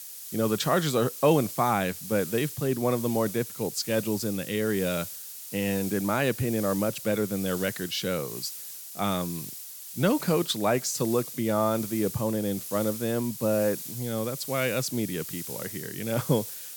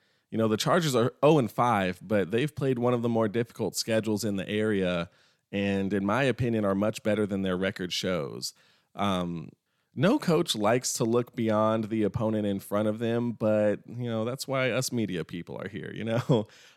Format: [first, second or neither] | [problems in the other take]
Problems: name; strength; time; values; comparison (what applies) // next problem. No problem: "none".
second | hiss; loud; throughout; 9 dB below the speech